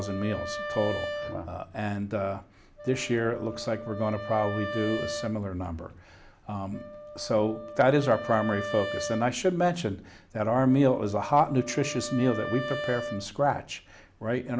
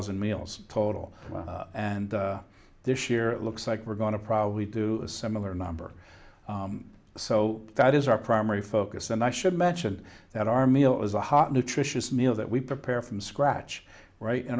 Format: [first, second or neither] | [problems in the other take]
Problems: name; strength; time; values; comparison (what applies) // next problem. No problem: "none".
second | background sound (Wind instrument, woodwind instrument); 10 dB below the speech